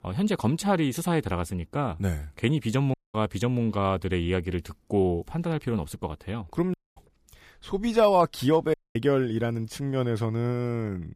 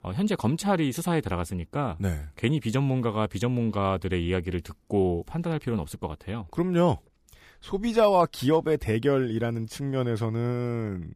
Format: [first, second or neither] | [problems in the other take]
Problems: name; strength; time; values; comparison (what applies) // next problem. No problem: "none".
second | audio cutting out; at 3 s, at 6.5 s and at 8.5 s